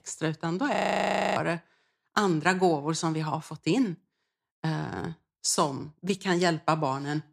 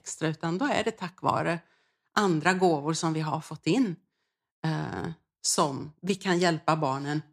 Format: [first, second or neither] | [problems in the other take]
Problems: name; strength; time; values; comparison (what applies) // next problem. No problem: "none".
second | audio freezing; at 1 s for 0.5 s